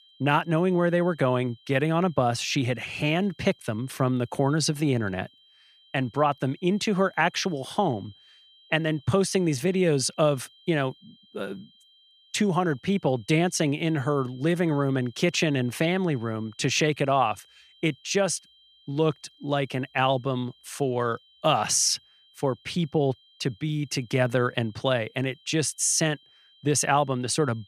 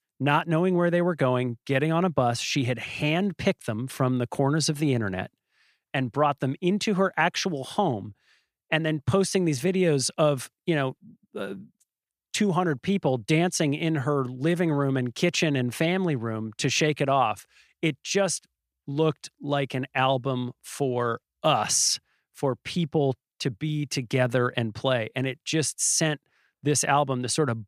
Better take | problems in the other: second | high-pitched whine; faint; throughout; 3 kHz, 30 dB below the speech

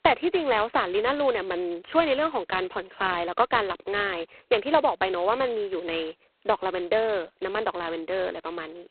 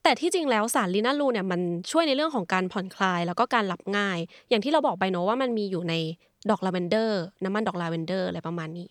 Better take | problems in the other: second | phone-call audio; poor line; nothing above 4 kHz

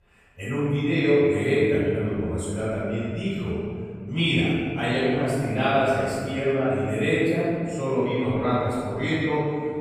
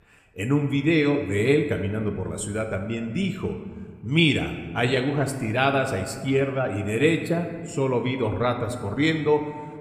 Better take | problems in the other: second | room echo; strong; dies away in 2.2 s; slight in the second // off-mic speech; far

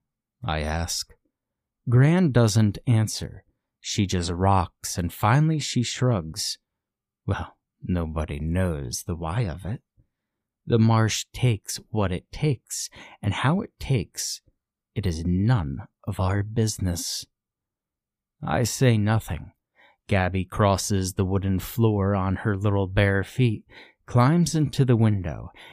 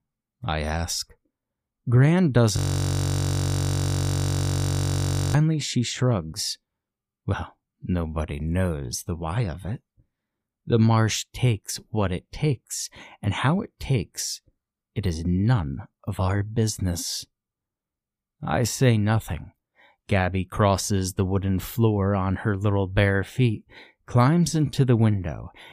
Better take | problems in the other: first | audio freezing; at 2.5 s for 3 s

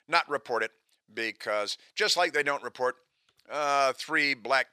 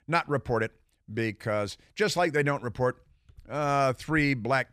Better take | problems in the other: second | thin; somewhat; fading below 500 Hz

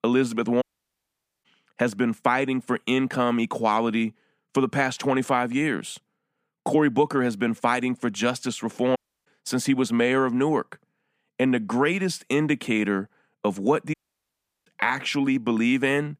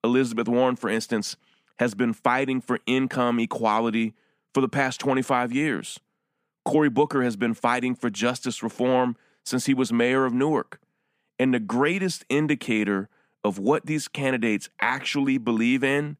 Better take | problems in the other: second | audio cutting out; at 0.5 s for 1 s, at 9 s and at 14 s for 0.5 s

